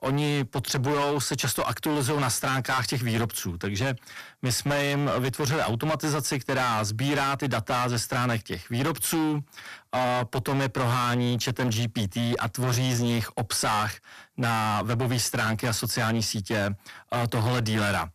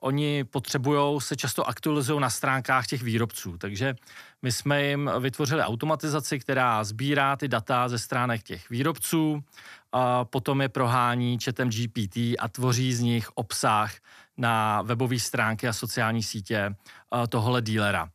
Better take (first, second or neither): second